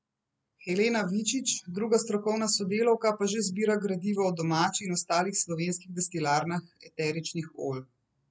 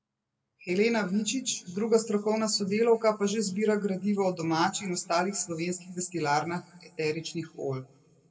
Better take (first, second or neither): first